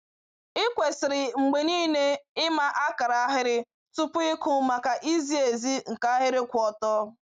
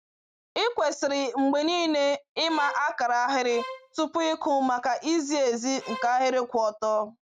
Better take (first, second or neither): first